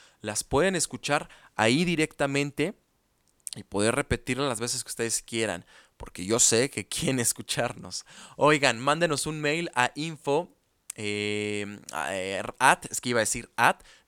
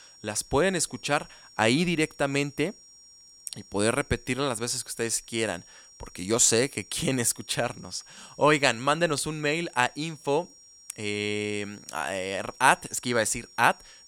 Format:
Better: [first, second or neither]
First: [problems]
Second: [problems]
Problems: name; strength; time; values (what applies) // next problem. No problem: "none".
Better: first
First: none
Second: high-pitched whine; faint; throughout; 5.5 kHz, 25 dB below the speech